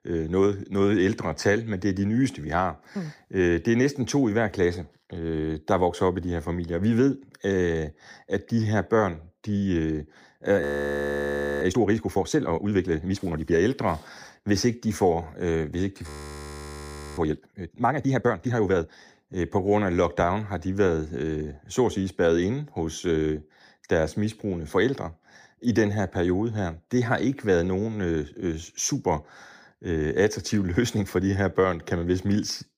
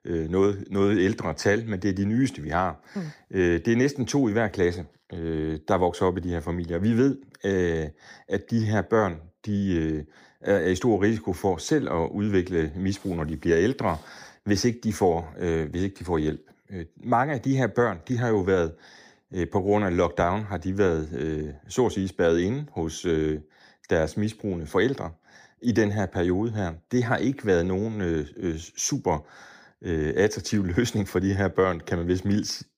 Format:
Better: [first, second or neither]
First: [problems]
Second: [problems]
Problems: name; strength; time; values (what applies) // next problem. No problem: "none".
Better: second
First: audio freezing; at 11 s for 1 s and at 16 s for 1 s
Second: none